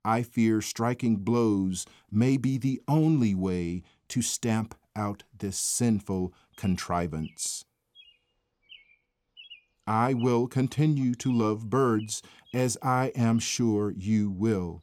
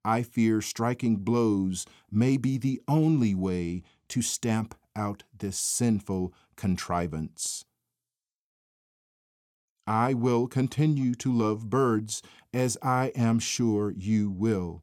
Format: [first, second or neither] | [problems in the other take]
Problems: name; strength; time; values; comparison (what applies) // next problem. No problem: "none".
second | animal sounds; faint; throughout; 25 dB below the speech